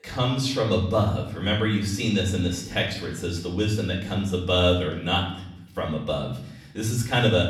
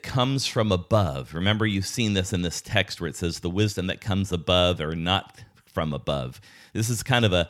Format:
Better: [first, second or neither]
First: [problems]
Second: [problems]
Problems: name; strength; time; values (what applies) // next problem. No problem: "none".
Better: second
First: off-mic speech; far // room echo; slight; dies away in 0.7 s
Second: none